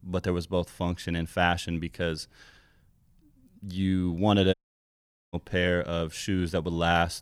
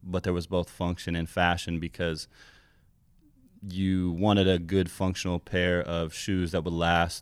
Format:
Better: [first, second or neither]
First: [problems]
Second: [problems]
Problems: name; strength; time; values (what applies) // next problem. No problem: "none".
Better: second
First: audio cutting out; at 4.5 s for 1 s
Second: none